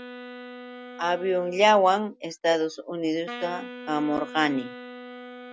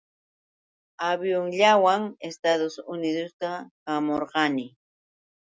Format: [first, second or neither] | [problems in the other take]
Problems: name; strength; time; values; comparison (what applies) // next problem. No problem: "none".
second | background sound (Wind instrument, woodwind instrument); 15 dB below the speech